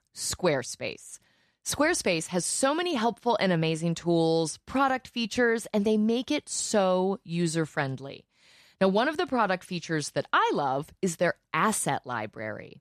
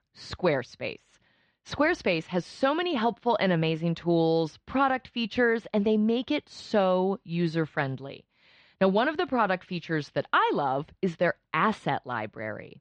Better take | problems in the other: first | muffled; slightly; fading above 4 kHz

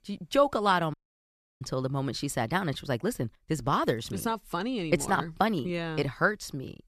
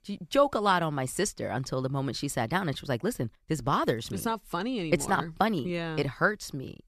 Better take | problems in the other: second | audio cutting out; at 1 s for 0.5 s

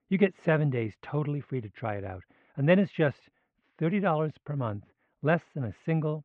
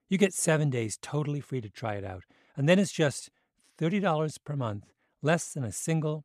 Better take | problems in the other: second | muffled; very; fading above 2.5 kHz

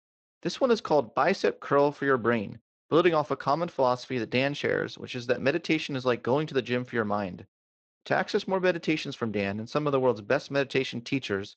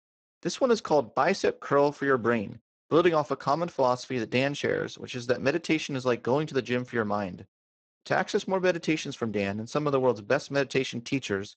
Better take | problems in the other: first | garbled, watery; badly; slightly in the first

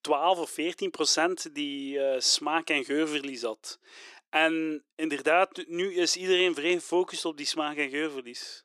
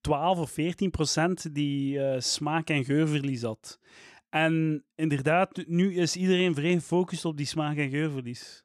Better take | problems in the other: second | thin; somewhat; fading below 350 Hz

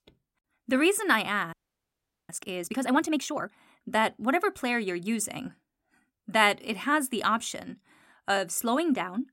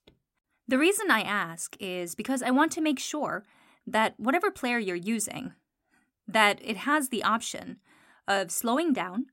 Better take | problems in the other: second | audio freezing; at 1.5 s for 1 s

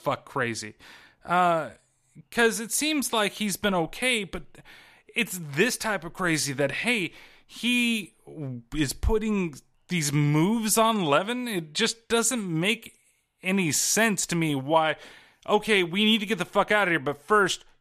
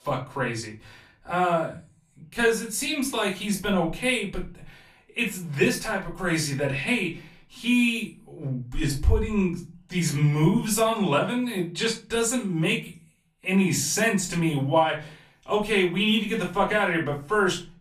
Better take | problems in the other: first | off-mic speech; far // room echo; slight; dies away in 0.3 s

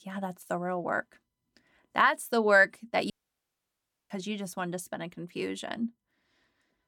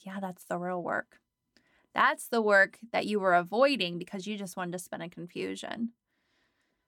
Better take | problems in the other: second | audio cutting out; at 3 s for 1 s

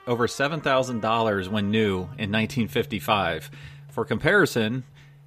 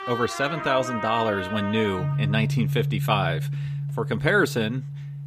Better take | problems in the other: first | background music; loud; throughout; 4 dB below the speech; faint in the first

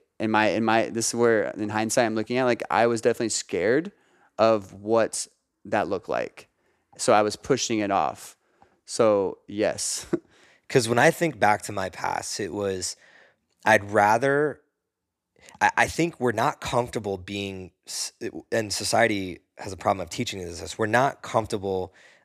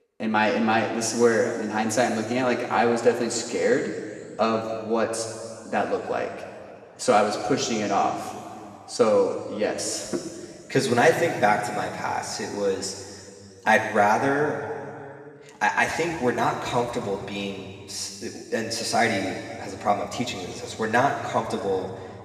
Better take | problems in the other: first | room echo; noticeable; dies away in 2.3 s // off-mic speech; somewhat distant

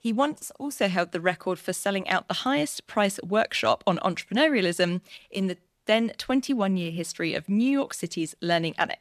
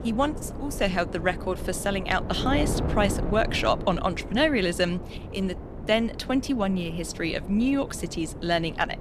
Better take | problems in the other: first | wind noise on the microphone; occasional gusts; 10 dB below the speech

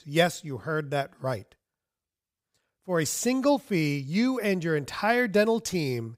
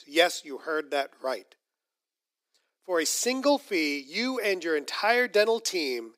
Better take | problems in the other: first | thin; somewhat; fading below 300 Hz

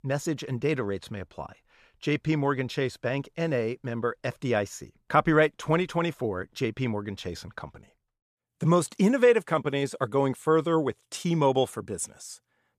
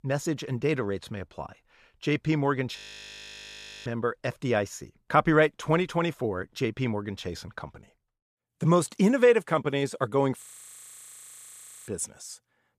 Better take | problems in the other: first | audio freezing; at 3 s for 1 s and at 10 s for 1.5 s

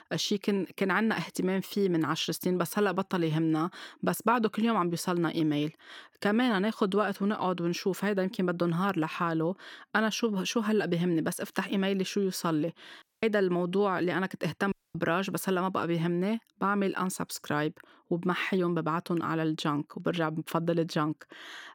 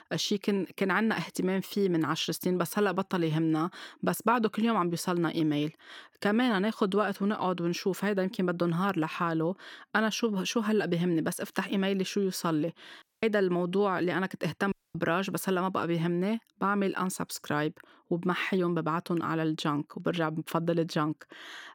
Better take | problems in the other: neither | audio cutting out; at 13 s and at 15 s; the same in both

